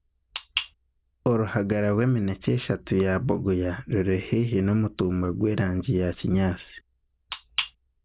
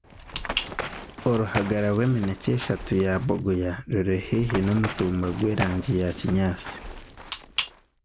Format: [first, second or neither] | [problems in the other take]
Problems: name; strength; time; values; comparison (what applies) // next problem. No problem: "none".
first | background sound (Run); 11 dB below the speech